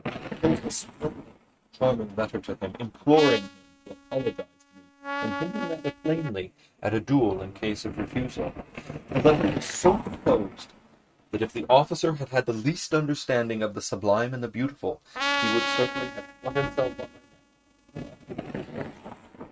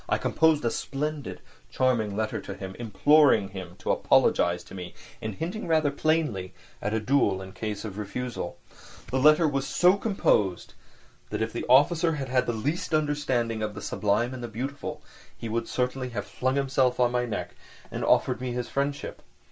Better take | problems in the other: second | noise reduction (neural mask model RNNoise)

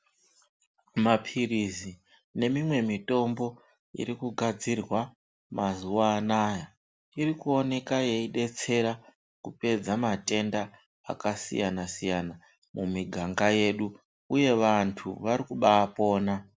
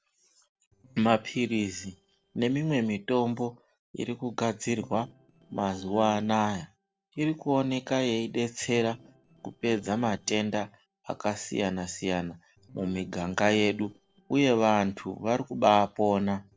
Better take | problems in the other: first | noise reduction (neural separator model SepFormer DNS4)

